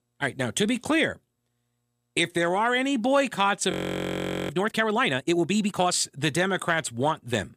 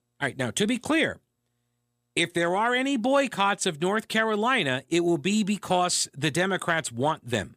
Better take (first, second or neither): second